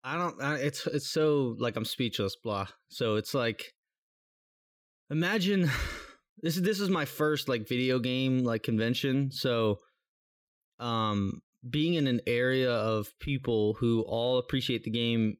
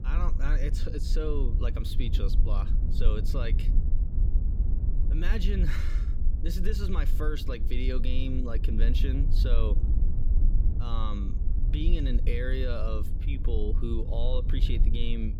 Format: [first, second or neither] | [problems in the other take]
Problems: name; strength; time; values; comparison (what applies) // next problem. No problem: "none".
first | low rumble; loud; throughout; 9 dB below the speech